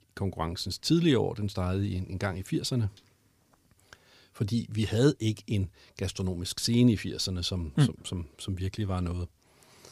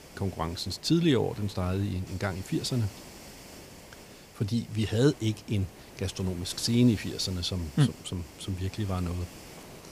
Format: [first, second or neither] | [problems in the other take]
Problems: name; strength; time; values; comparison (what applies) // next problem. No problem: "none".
first | hiss; noticeable; throughout; 20 dB below the speech